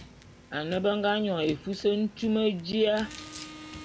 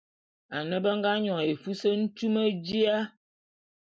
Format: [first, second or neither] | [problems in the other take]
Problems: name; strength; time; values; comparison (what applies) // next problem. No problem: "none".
second | background sound (Car); 17 dB below the speech